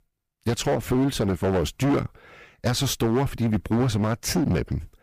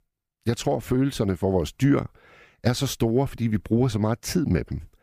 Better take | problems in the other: second | distortion; heavy; 14% of the sound clipped

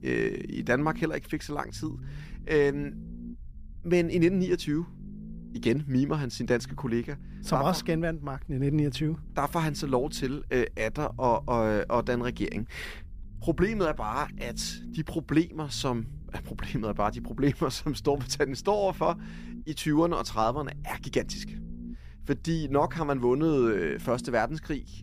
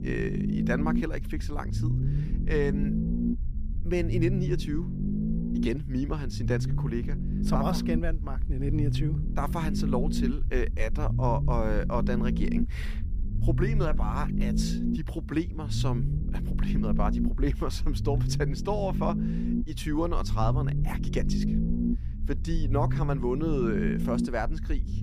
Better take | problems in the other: first | low rumble; loud; throughout; 5 dB below the speech; faint in the first

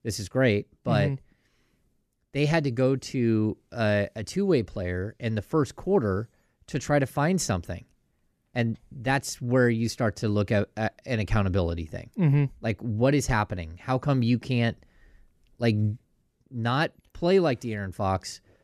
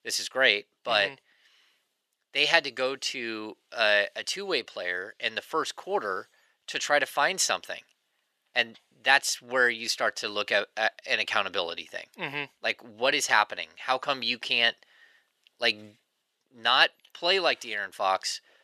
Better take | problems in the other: first | thin; very; fading below 800 Hz

